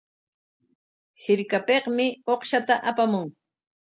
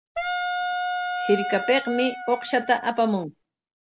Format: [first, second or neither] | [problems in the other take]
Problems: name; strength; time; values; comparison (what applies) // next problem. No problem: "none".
first | background sound (Wind instrument, woodwind instrument); 4 dB below the speech